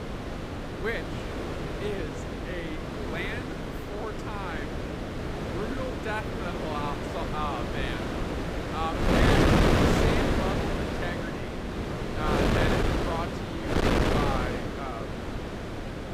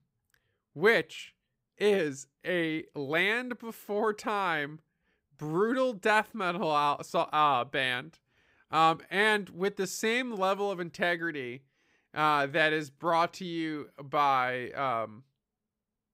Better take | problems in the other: second | wind noise on the microphone; heavy; 4 dB above the speech

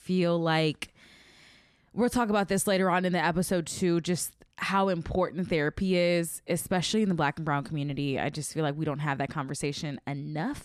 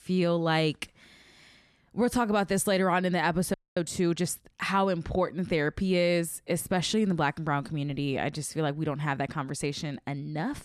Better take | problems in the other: first | audio freezing; at 3.5 s

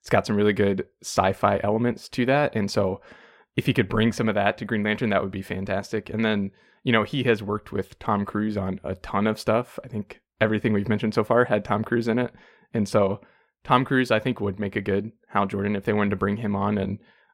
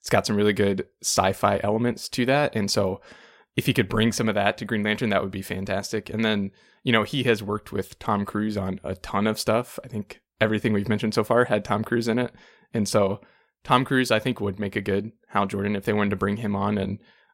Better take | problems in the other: second | muffled; slightly; fading above 3.5 kHz

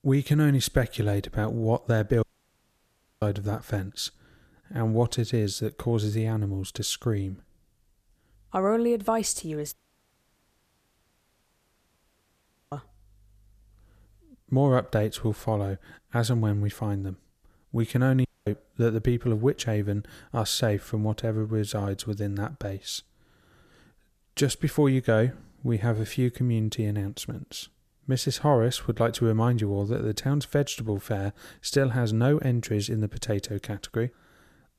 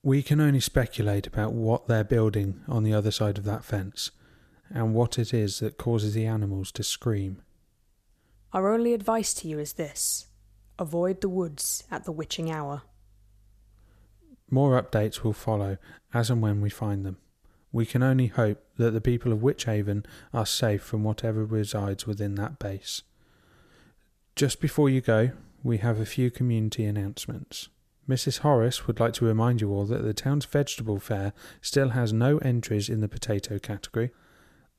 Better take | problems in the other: second | audio cutting out; at 2 s for 1 s, at 9.5 s for 3 s and at 18 s

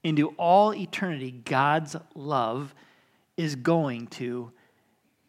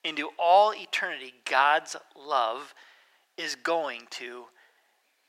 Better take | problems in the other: first | thin; very; fading below 550 Hz

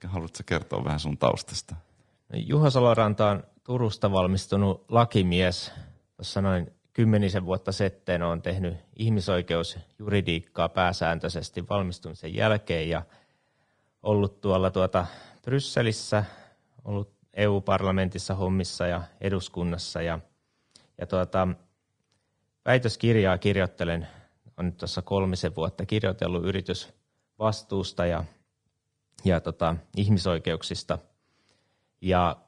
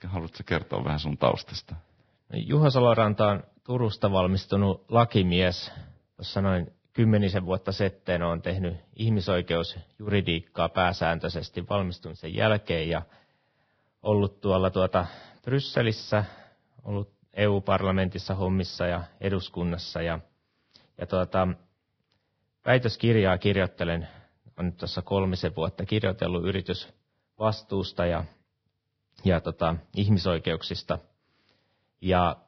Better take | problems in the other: first | garbled, watery; badly; nothing above 5.5 kHz; slightly in the first

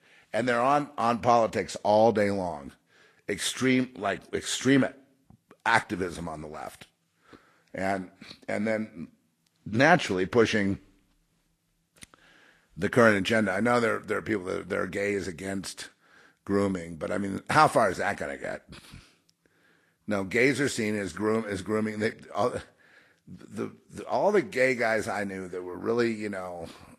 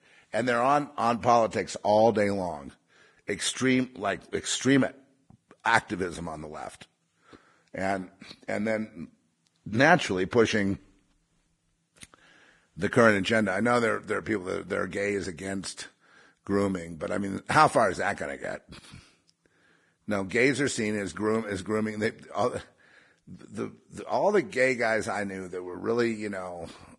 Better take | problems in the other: first | garbled, watery; badly; nothing above 10 kHz; slightly in the first

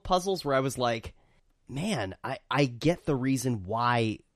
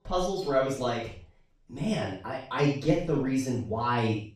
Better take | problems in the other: first | room echo; strong; dies away in 0.4 s // off-mic speech; far

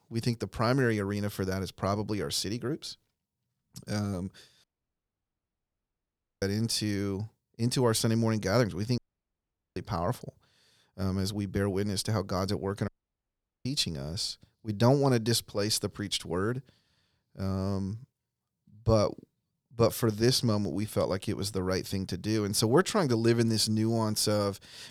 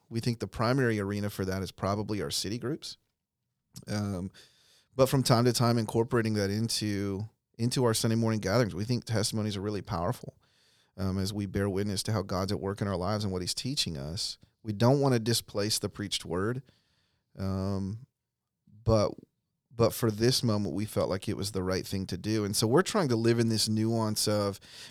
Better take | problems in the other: second | audio cutting out; at 4.5 s for 2 s, at 9 s for 1 s and at 13 s for 1 s

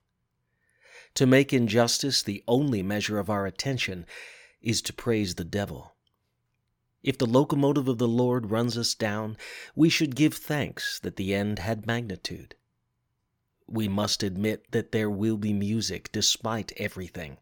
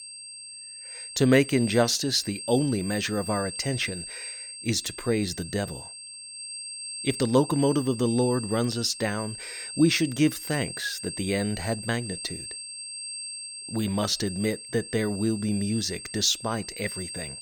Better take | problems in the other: first | high-pitched whine; loud; throughout; 8.5 kHz, 9 dB below the speech

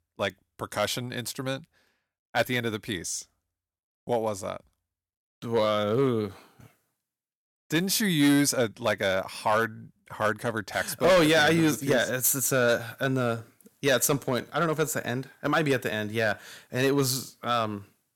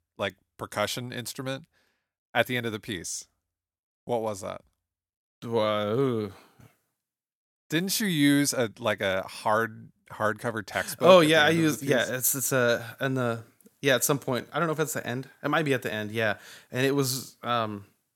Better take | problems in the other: second | distortion; slight; 2% of the sound clipped

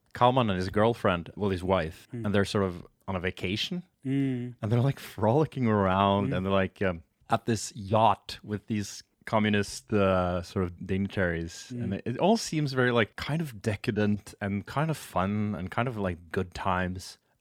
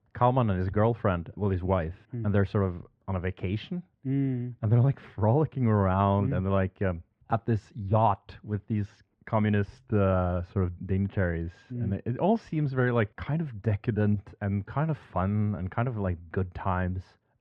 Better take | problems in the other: first | muffled; very; fading above 1.5 kHz

